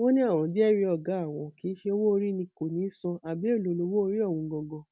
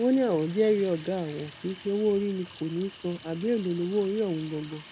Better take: first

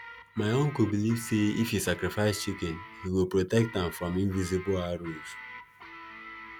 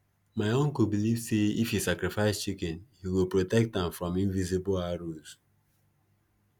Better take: second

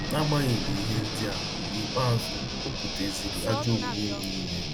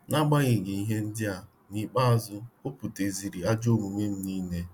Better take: second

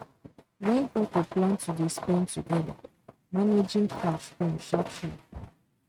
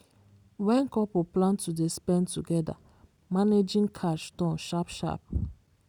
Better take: second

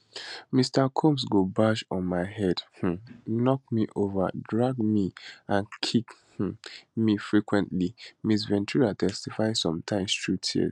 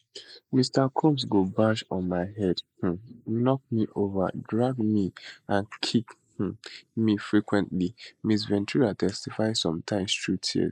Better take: first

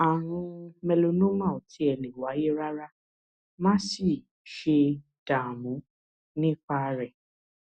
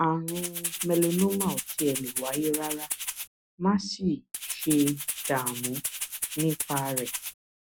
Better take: first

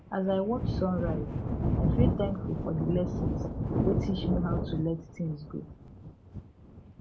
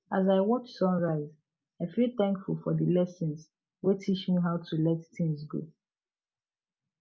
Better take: second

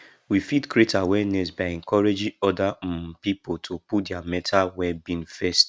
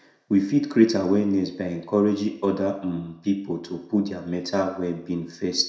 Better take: first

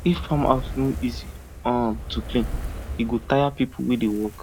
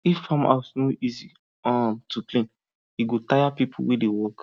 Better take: second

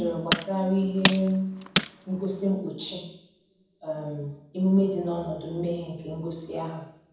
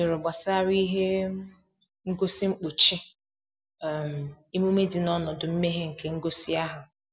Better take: second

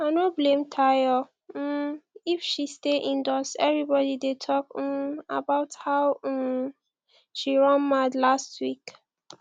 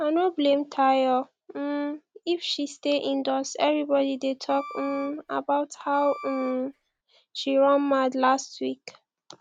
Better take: first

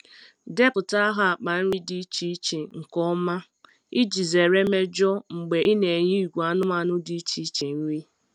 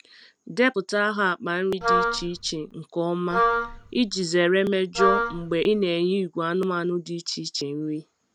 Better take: first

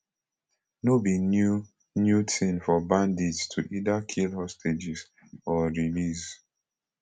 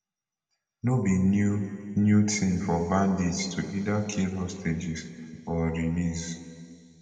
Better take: first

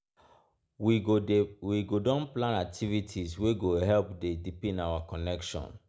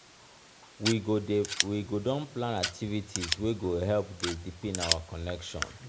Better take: first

